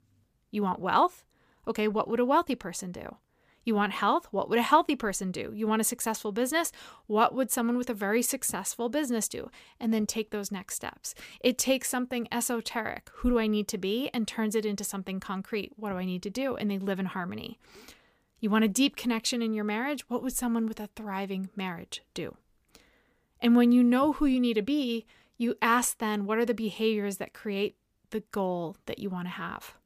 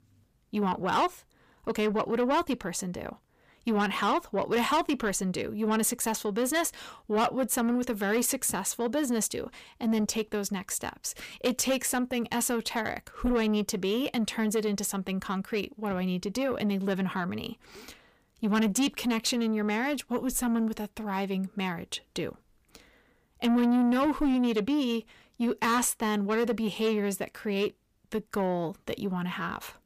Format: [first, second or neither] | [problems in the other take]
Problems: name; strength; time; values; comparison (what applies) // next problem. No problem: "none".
first | distortion; slight; 10 dB below the speech